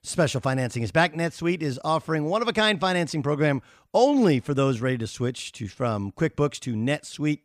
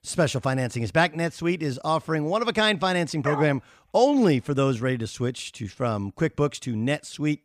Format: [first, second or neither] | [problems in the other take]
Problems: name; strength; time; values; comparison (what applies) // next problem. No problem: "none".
first | dog barking; noticeable; at 3.5 s; peak 6 dB below the speech